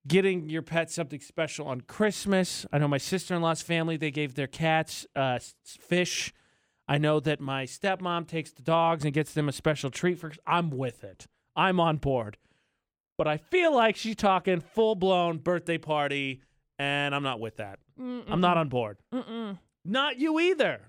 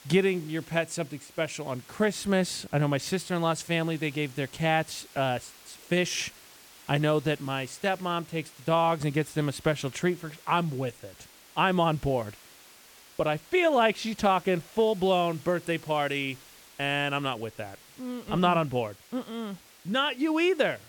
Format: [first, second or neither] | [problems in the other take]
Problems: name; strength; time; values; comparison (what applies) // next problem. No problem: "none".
first | hiss; faint; throughout; 20 dB below the speech